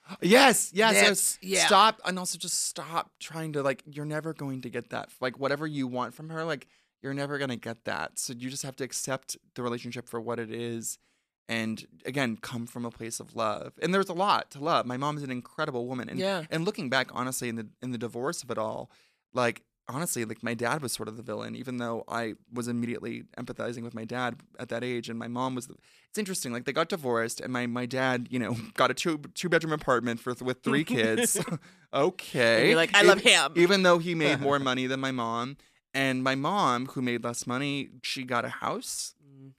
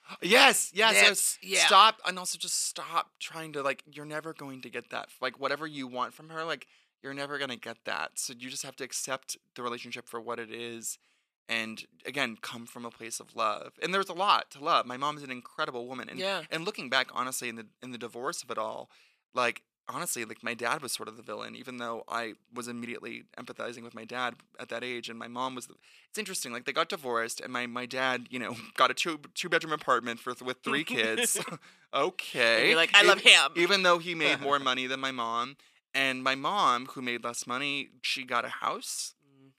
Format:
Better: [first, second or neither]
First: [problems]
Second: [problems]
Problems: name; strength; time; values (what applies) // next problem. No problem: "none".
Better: first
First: none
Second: thin; somewhat; fading below 450 Hz